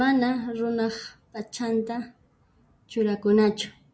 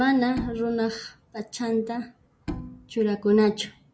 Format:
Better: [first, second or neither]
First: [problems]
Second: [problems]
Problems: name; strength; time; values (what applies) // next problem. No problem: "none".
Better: first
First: none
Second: background sound (Bowed string instrument); 14 dB below the speech